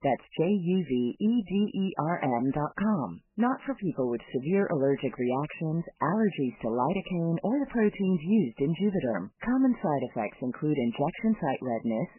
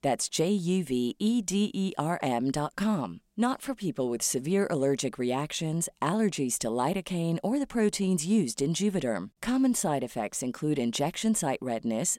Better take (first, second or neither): second